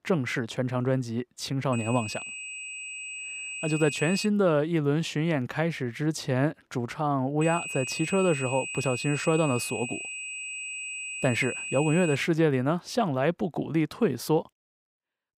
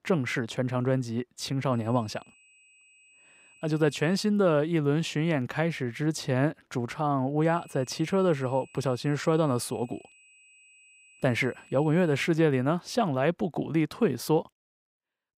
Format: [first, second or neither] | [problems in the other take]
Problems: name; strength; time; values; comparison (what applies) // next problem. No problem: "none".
second | high-pitched whine; loud; from 1.5 to 4.5 s and from 7.5 to 12 s; 2.5 kHz, 7 dB below the speech; faint in the second